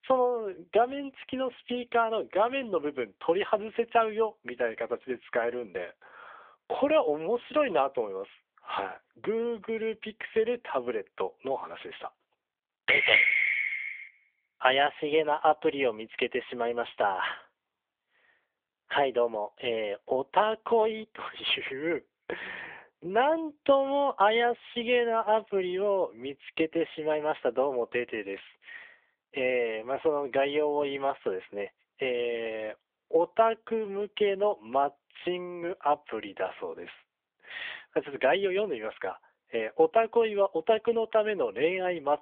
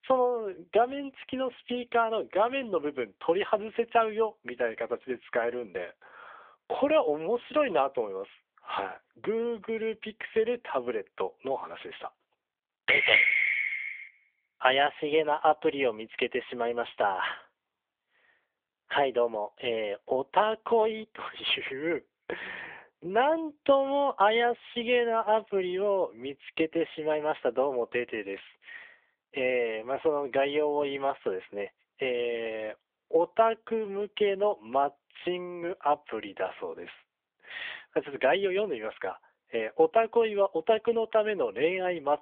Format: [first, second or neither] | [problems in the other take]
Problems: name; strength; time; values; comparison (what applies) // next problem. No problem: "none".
neither | phone-call audio; nothing above 3.5 kHz; the same in both